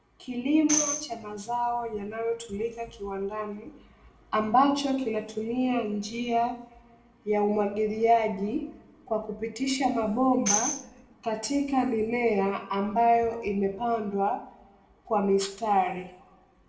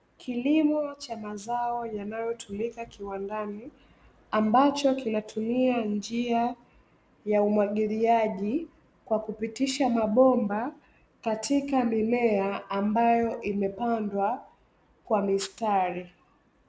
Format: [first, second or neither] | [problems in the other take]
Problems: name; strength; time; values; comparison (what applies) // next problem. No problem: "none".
second | background sound (Tambourine); 6 dB below the speech // room echo; dies away in 0.6 s